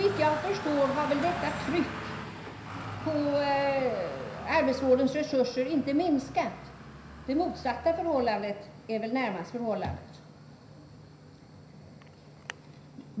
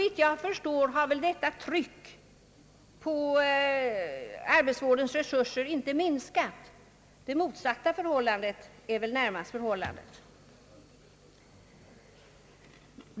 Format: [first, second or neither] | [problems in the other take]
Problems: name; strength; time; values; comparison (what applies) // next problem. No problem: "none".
second | background sound (Traffic noise, roadway noise); 11 dB below the speech // room echo; dies away in 0.5 s